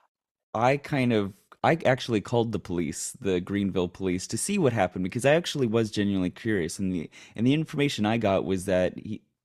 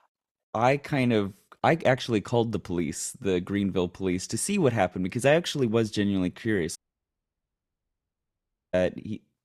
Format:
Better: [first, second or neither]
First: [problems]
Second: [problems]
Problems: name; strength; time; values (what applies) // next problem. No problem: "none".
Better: first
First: none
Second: audio cutting out; at 7 s for 2 s